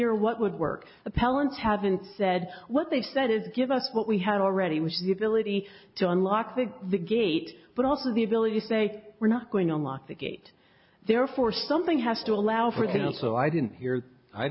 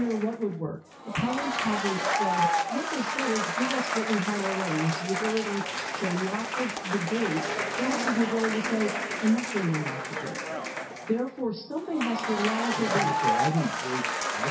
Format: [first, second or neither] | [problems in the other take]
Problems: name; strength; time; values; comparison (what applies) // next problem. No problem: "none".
first | background sound (Applause / Crowd / Cheering); as loud as the speech // room echo; dies away in 0.3 s